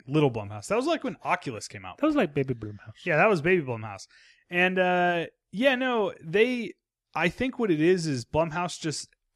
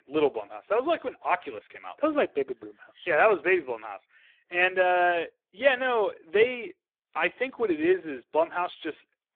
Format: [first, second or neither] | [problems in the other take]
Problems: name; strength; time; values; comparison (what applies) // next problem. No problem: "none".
first | phone-call audio; poor line